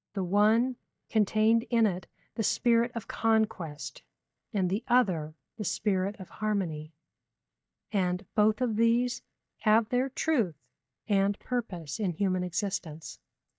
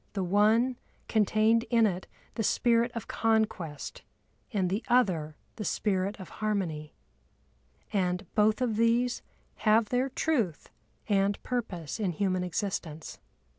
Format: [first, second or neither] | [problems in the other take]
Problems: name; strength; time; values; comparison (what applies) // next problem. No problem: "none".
second | noise reduction (neural mask model DeepFilterNet 3)